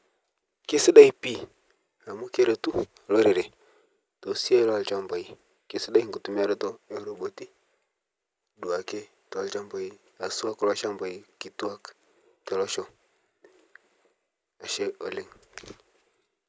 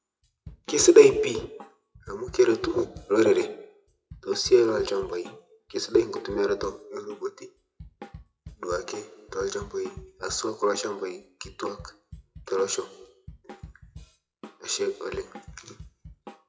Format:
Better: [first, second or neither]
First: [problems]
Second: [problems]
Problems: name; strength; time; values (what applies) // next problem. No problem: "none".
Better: first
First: none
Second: noise reduction (classical method WPE with log-MMSE)